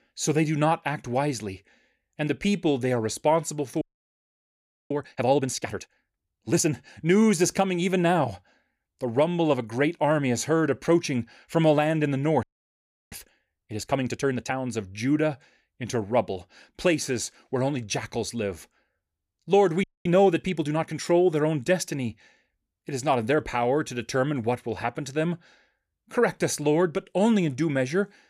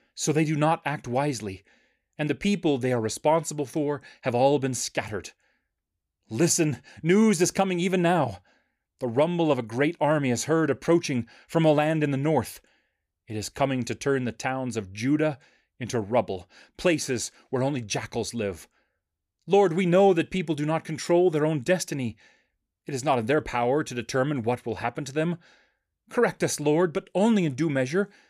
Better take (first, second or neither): second